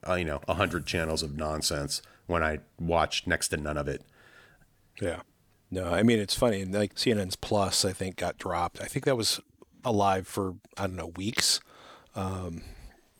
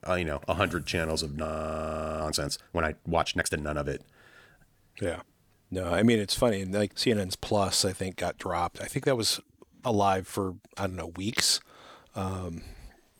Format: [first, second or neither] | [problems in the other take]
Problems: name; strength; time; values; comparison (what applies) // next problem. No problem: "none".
first | audio freezing; at 1.5 s for 1 s